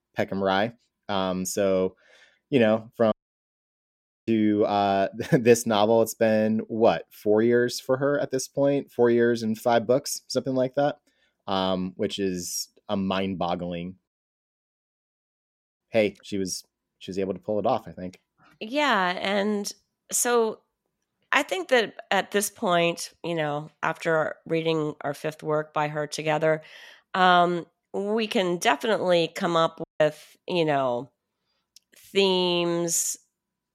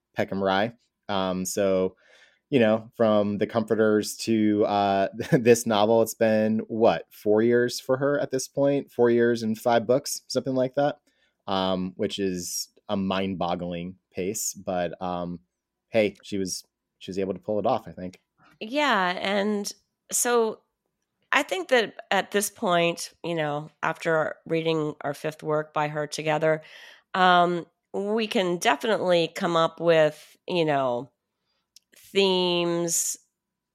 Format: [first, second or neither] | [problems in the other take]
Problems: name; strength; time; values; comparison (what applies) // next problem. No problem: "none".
second | audio cutting out; at 3 s for 1 s, at 14 s for 1.5 s and at 30 s